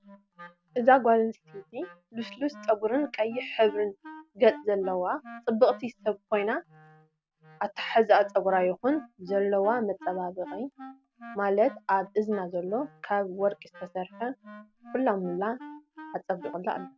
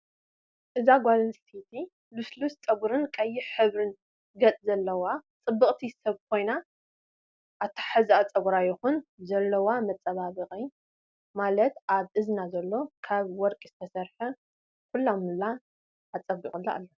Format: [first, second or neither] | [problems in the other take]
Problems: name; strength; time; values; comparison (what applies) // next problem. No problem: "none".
second | background sound (Wind instrument, woodwind instrument); 20 dB below the speech